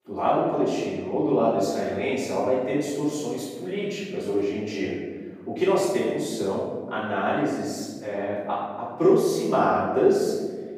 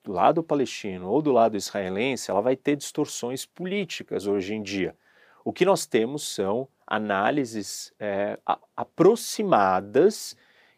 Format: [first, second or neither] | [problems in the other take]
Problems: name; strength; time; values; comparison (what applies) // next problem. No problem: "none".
second | room echo; strong; dies away in 1.5 s // off-mic speech; far